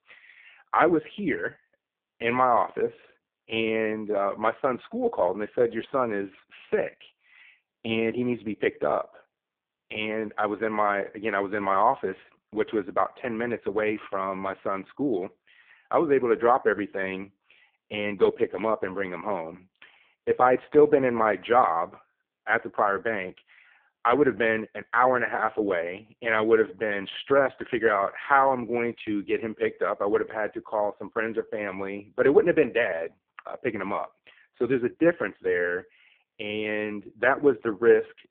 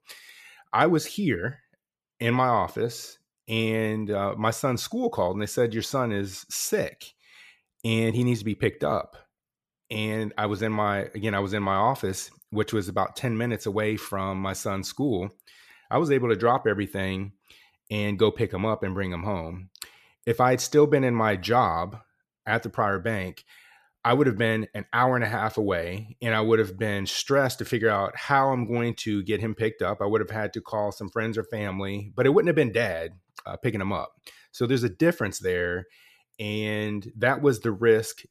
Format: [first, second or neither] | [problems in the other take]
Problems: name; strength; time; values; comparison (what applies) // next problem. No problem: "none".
second | phone-call audio; poor line